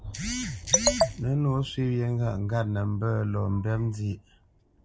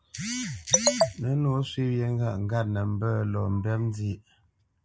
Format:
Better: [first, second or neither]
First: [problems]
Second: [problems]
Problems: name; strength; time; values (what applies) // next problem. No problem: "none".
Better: second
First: background sound (Thunder); 17 dB below the speech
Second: none